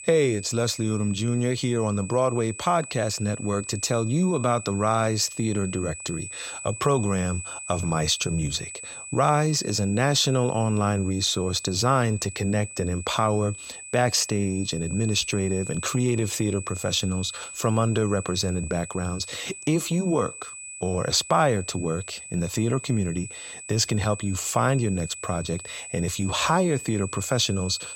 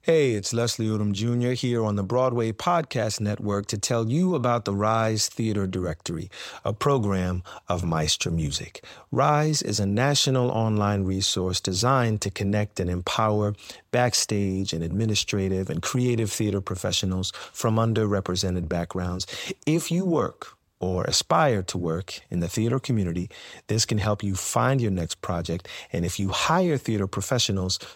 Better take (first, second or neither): second